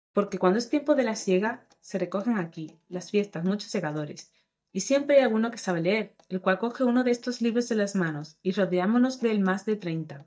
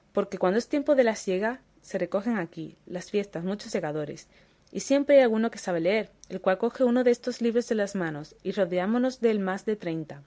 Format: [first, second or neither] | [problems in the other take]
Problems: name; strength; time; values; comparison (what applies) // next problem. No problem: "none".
second | noise reduction (neural mask model DeepFilterNet 3)